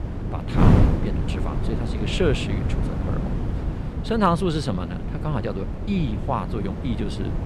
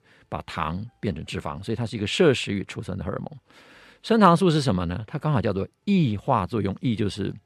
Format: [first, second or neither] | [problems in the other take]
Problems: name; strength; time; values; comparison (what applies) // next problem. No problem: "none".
second | wind noise on the microphone; heavy; 5 dB below the speech